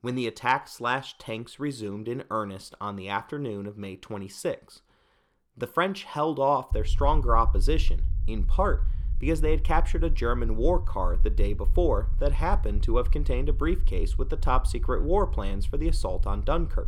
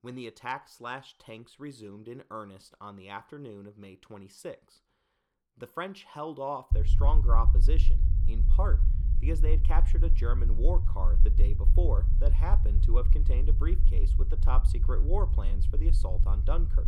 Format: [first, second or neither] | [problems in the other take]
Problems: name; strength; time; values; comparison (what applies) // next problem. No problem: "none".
first | low rumble; loud; from 6.5 s on; 9 dB below the speech; faint in the first